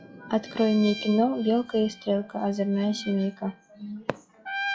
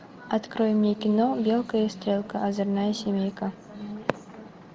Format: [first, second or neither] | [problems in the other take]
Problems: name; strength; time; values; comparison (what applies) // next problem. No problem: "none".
second | noise reduction (classical method log-MMSE)